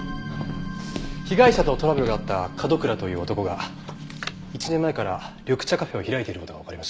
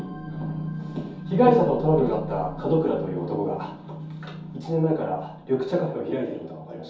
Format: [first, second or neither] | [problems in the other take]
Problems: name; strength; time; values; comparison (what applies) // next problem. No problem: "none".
first | room echo; dies away in 0.6 s